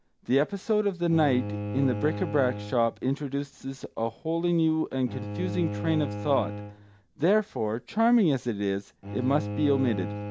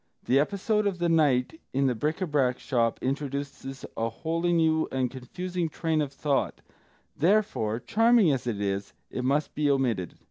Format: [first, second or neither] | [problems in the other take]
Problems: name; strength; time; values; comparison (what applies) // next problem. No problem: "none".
second | background sound (Bowed string instrument); 9 dB below the speech